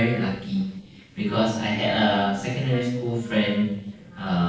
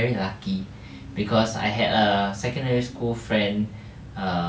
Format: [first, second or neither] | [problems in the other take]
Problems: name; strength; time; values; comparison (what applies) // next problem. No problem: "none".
second | noise reduction (neural separator model SepFormer DNS4)